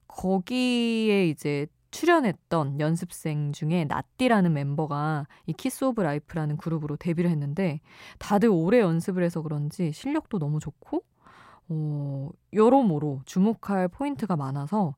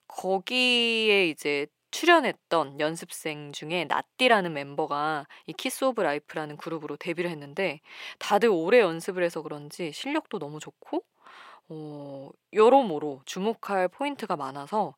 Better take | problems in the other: first | thin; somewhat; fading below 450 Hz

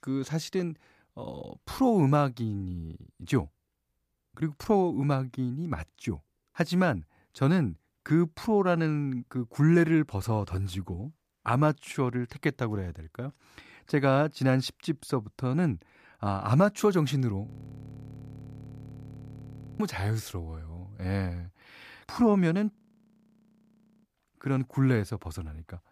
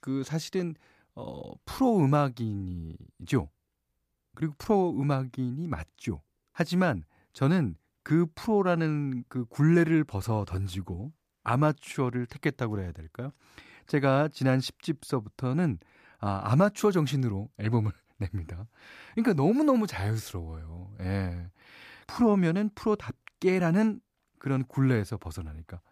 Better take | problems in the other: second | audio freezing; at 17 s for 2.5 s and at 23 s for 1.5 s

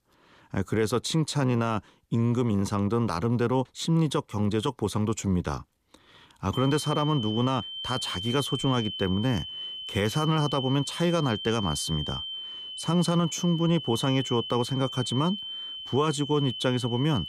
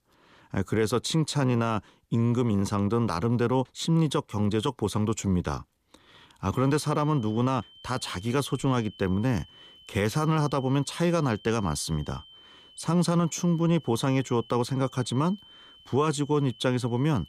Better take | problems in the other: second | high-pitched whine; loud; from 6.5 s on; 3 kHz, 7 dB below the speech; faint in the second

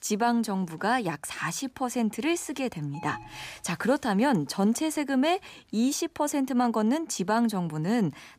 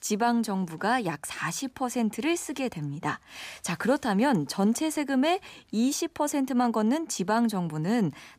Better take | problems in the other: second | alarm; faint; at 3 s; peak 15 dB below the speech

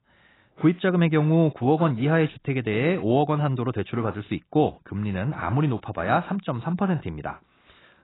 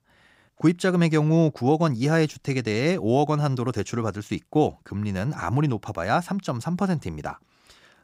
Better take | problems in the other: second | garbled, watery; badly; nothing above 4 kHz

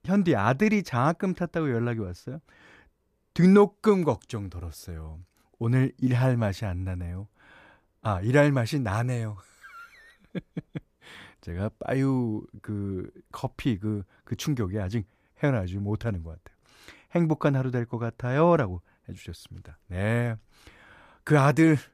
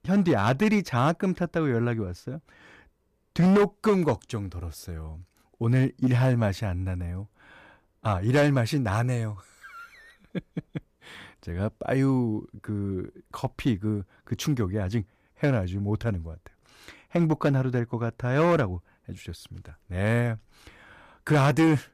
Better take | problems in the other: first | distortion; slight; 3% of the sound clipped

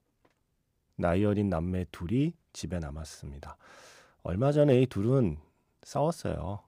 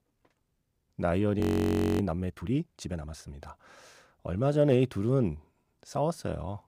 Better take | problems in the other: first | audio freezing; at 1.5 s for 0.5 s

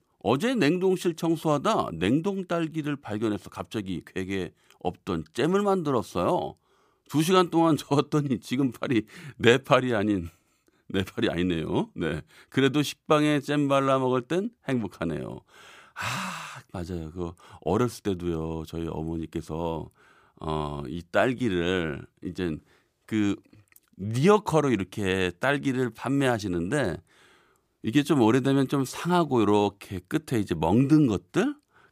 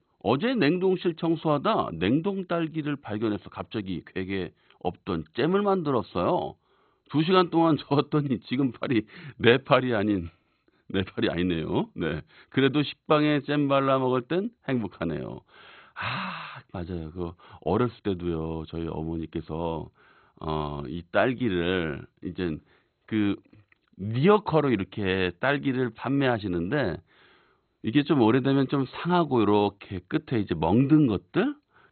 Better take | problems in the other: first | garbled, watery; badly; nothing above 4 kHz

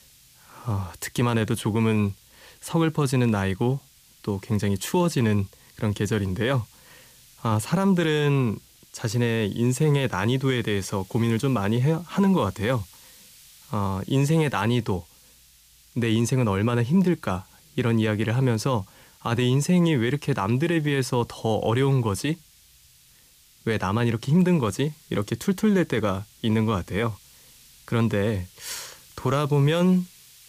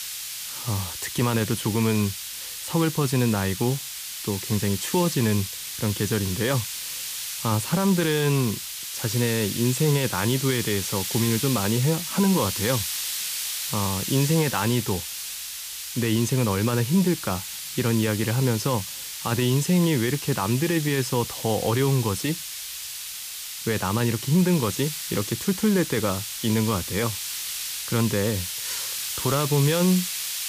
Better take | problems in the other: first | hiss; loud; throughout; 5 dB below the speech; faint in the first

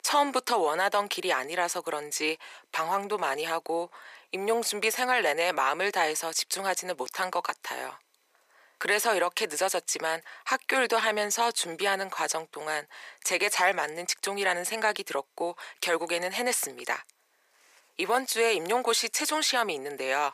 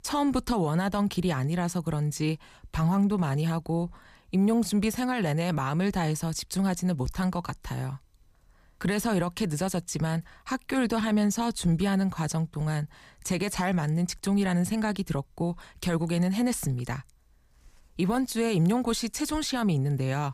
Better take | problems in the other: second | thin; very; fading below 450 Hz

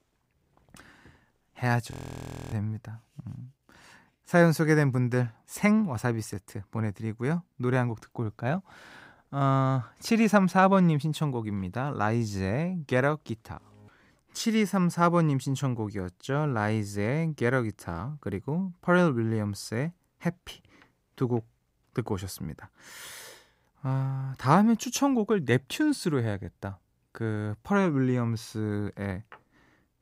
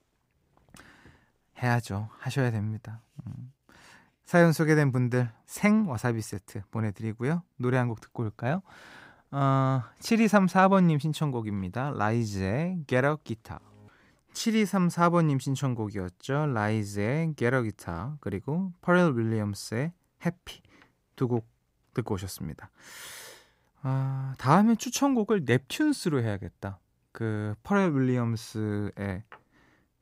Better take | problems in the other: second | audio freezing; at 2 s for 0.5 s

